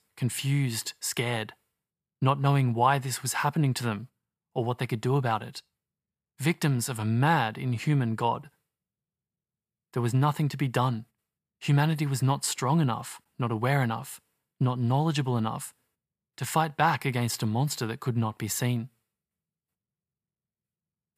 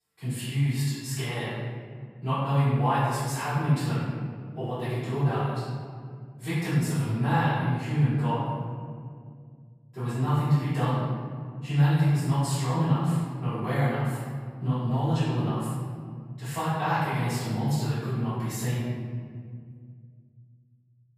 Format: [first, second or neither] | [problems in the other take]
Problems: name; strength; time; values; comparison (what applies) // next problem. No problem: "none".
first | off-mic speech; far // room echo; strong; dies away in 2.1 s